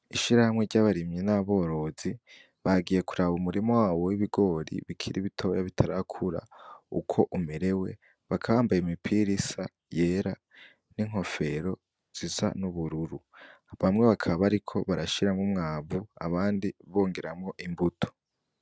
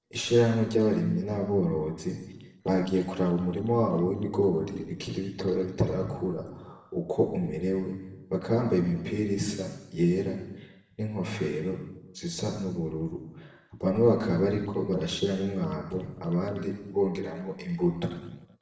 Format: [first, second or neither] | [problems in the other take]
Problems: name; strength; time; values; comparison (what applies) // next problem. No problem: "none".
first | noise reduction (neural separator model SepFormer DNS4)